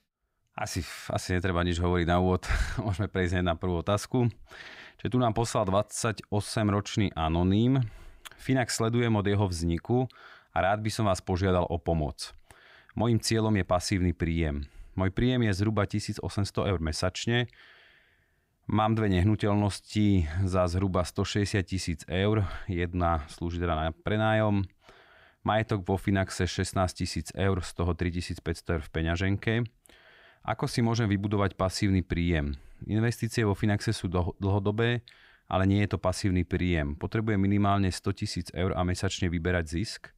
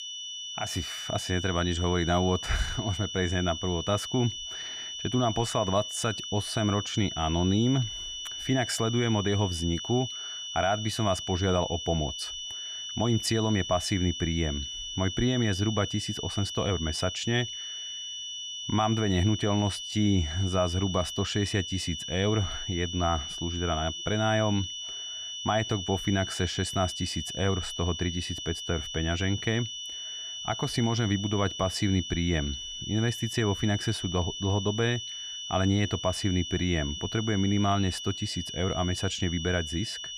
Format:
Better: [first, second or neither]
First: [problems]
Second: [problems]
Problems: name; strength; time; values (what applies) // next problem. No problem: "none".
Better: first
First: none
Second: high-pitched whine; loud; throughout; 3 kHz, 6 dB below the speech